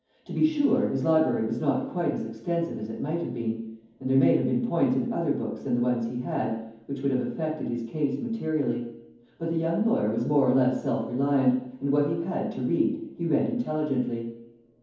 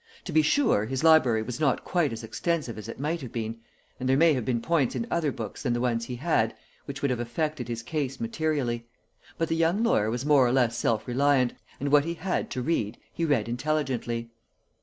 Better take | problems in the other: second | room echo; dies away in 0.9 s

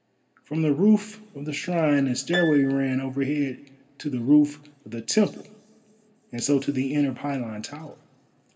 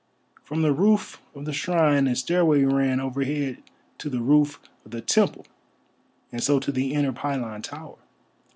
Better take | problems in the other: second | background sound (Harp); 14 dB below the speech // room echo; dies away in 1.3 s

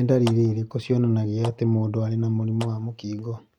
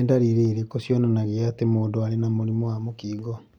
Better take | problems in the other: second | noise reduction (neural mask model RNNoise)

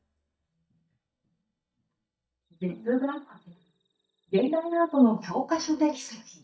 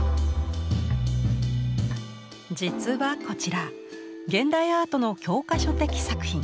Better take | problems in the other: second | noise reduction (neural mask model DeepFilterNet 3)

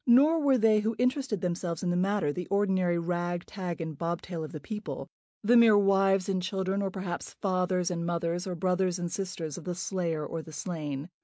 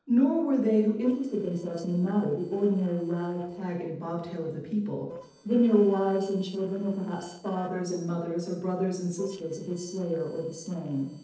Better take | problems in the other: first | noise reduction (neural separator model SepFormer DNS4)

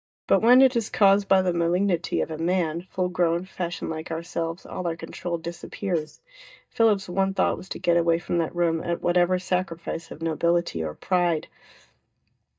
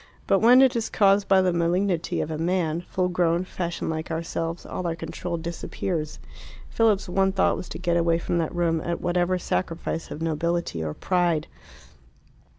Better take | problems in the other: second | noise reduction (neural mask model DeepFilterNet 3)

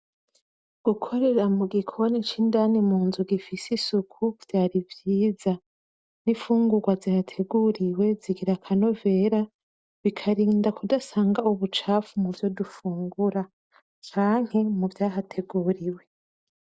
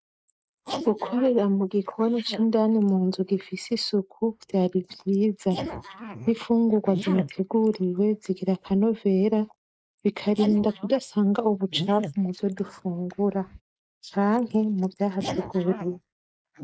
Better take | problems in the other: first | noise reduction (neural mask model Resemble Enhance denoiser)

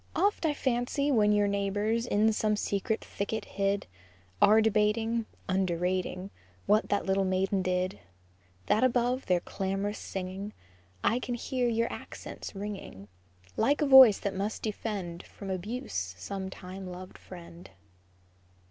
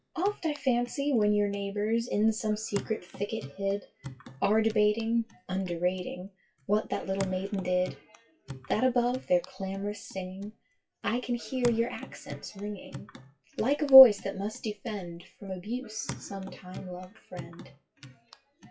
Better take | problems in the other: first | noise reduction (classical method WPE with log-MMSE)

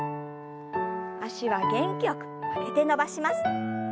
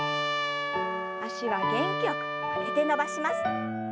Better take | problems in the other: first | background sound (Trumpet); 2 dB below the speech

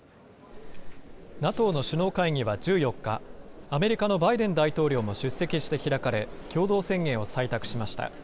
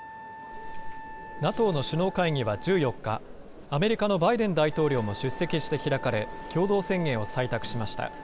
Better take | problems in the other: first | background sound (Wind instrument, woodwind instrument); 16 dB below the speech

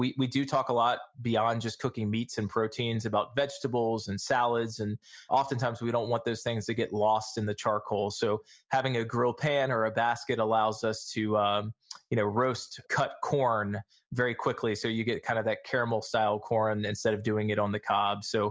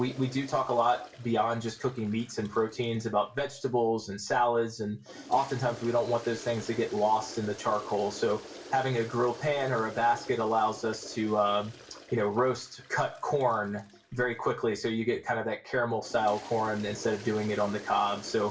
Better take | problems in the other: first | background sound (Toilet flush); 18 dB below the speech // room echo; dies away in 0.2 s

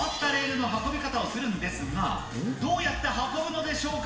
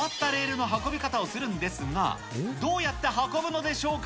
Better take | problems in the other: second | room echo; dies away in 0.9 s

